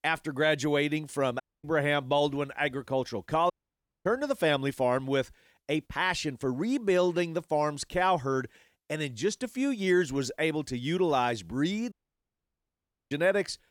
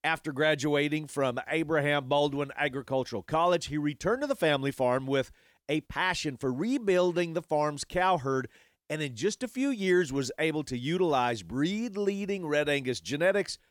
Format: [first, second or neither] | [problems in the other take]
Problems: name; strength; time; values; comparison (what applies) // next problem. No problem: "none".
second | audio cutting out; at 1.5 s, at 3.5 s for 0.5 s and at 12 s for 1 s